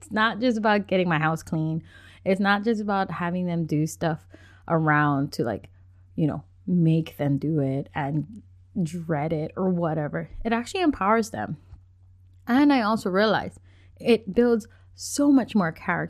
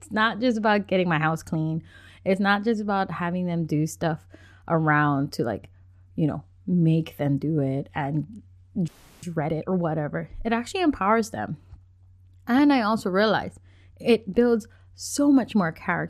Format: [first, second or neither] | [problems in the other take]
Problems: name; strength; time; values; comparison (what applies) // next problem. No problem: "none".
first | audio freezing; at 9 s